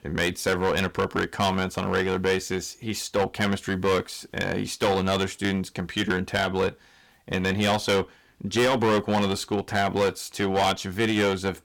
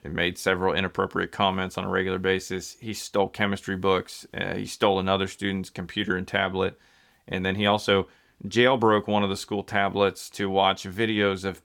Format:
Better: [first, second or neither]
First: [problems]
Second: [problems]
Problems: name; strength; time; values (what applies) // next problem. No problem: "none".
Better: second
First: distortion; heavy; 9% of the sound clipped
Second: none